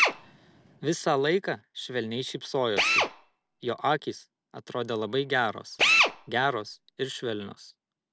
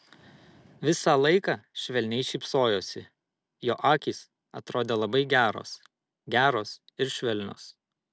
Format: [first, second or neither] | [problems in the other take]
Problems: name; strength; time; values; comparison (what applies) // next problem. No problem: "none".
second | background sound (Drill); 1 dB below the speech